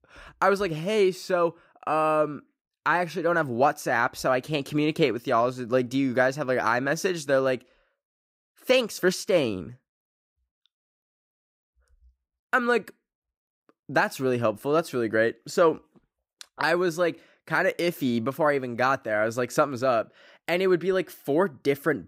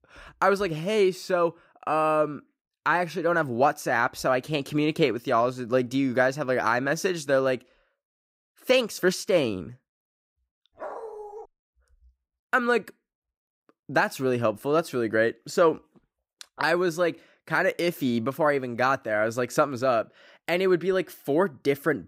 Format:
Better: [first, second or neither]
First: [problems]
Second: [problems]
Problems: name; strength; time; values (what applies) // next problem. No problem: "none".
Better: first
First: none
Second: dog barking; faint; at 11 s; peak 10 dB below the speech